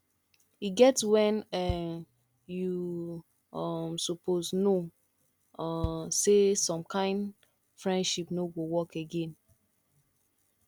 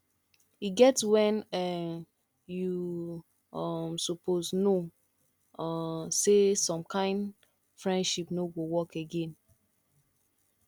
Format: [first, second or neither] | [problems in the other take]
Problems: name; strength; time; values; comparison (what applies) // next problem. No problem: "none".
second | background sound (Bass drum); 14 dB below the speech